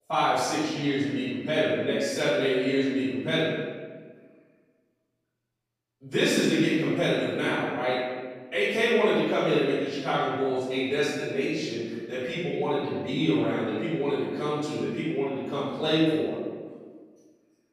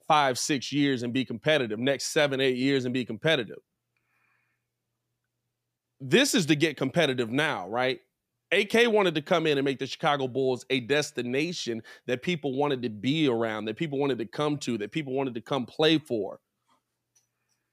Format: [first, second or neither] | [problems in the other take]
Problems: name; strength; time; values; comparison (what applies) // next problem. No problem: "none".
second | off-mic speech; far // room echo; strong; dies away in 1.3 s